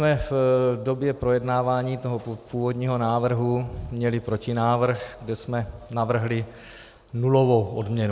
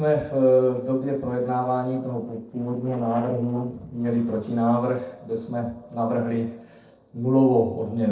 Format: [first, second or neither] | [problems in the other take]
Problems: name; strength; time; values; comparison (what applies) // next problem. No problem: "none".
first | noise reduction (neural separator model SepFormer DNS4)